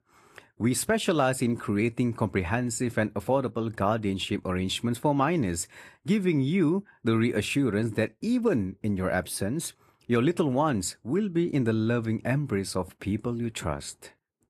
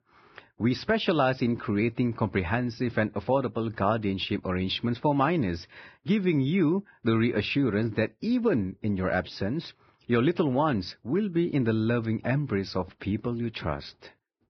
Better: first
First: garbled, watery; slightly; nothing above 12.5 kHz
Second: garbled, watery; badly; nothing above 5.5 kHz

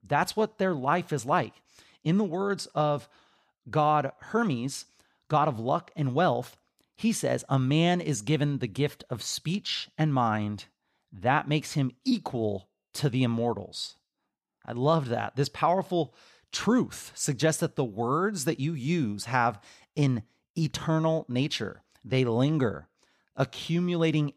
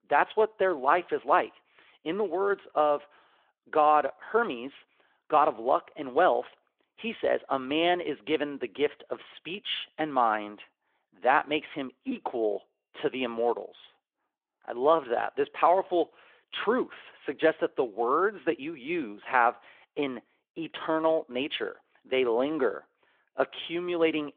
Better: first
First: none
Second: phone-call audio; nothing above 3.5 kHz

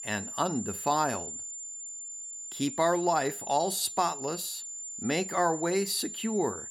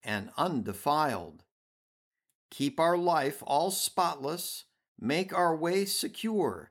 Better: second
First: high-pitched whine; loud; throughout; 7 kHz, 8 dB below the speech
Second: none

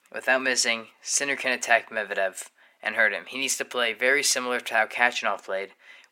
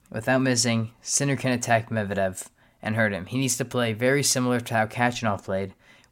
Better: second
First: thin; very; fading below 350 Hz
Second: none

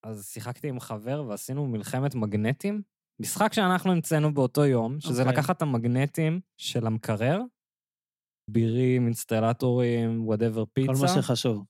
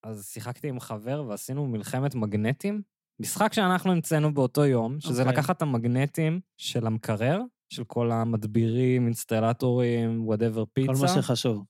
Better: second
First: audio freezing; at 7.5 s for 1 s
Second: none

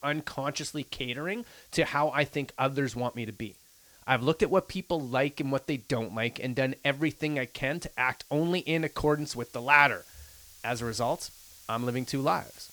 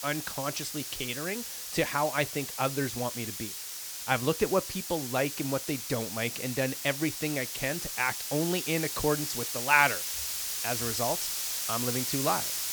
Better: first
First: hiss; faint; throughout; 25 dB below the speech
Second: hiss; loud; throughout; 2 dB below the speech

